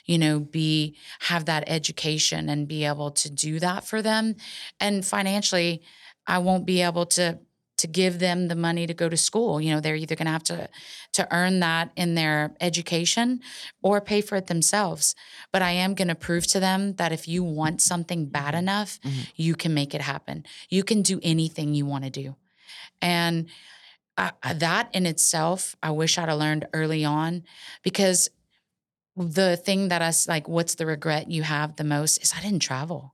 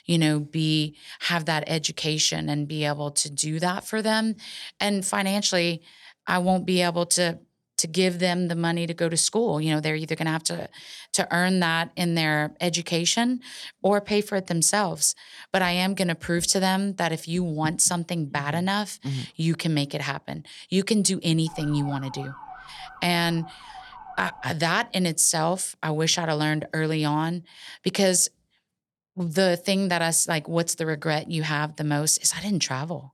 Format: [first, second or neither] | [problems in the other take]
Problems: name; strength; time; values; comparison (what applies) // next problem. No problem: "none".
first | siren; faint; from 21 to 24 s; peak 15 dB below the speech